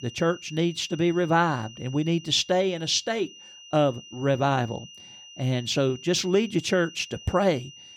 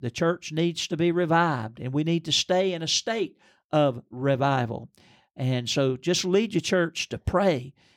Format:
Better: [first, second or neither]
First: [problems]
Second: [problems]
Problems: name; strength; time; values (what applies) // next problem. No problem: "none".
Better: second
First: high-pitched whine; noticeable; throughout; 3 kHz, 20 dB below the speech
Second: none